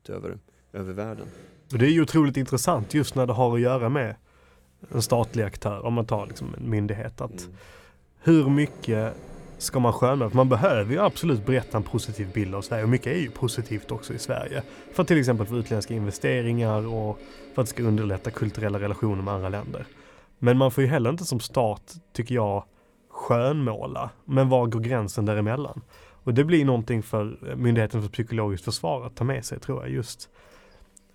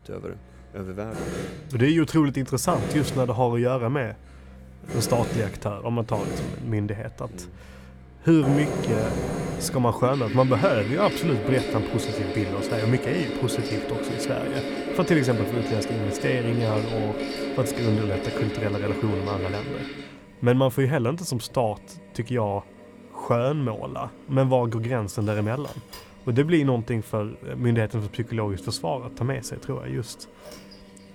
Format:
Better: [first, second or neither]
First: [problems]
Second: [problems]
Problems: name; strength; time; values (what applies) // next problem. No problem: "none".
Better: first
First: machinery noise; faint; throughout; 20 dB below the speech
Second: machinery noise; loud; throughout; 5 dB below the speech